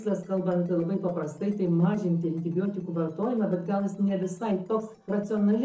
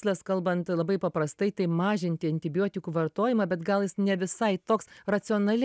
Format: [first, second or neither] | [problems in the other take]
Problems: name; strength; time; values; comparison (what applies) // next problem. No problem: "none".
second | noise reduction (neural separator model SepFormer DNS4)